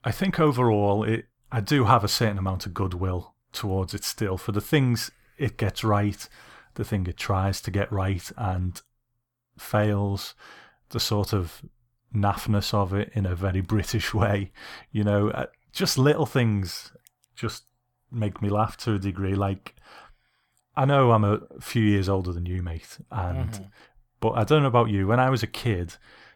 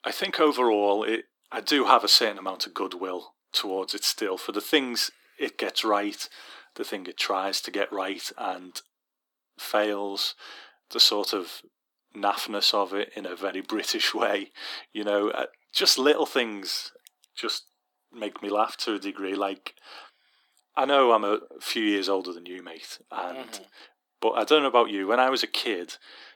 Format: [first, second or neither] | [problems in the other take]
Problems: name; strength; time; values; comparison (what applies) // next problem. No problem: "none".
first | thin; somewhat; fading below 300 Hz